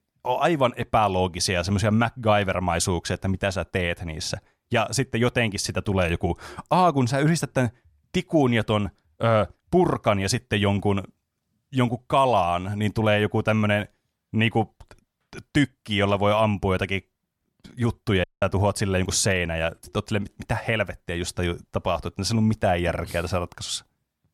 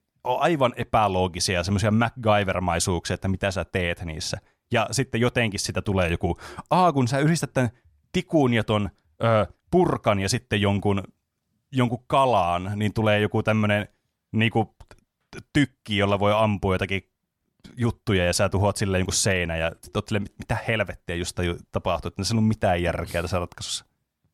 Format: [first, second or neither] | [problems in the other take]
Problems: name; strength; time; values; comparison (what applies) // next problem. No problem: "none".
second | audio cutting out; at 18 s